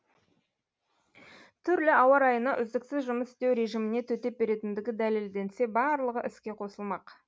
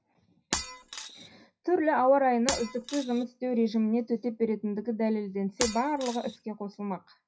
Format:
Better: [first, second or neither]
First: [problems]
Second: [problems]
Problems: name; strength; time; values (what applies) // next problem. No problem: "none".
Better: first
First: none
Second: noise reduction (classical method WPE with log-MMSE)